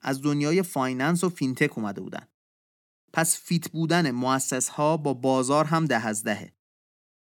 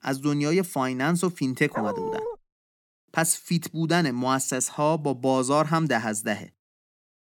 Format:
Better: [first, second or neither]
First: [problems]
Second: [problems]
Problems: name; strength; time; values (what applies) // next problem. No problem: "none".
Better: first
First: none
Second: dog barking; noticeable; at 1.5 s; peak 5 dB below the speech